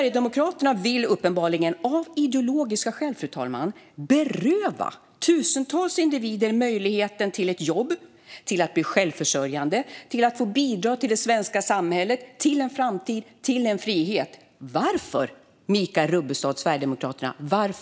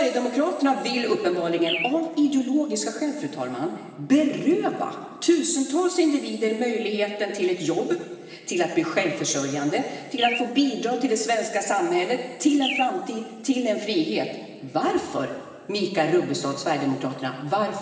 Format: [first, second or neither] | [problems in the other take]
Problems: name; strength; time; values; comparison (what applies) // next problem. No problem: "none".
first | background sound (Bird); 10 dB below the speech // room echo; dies away in 2.4 s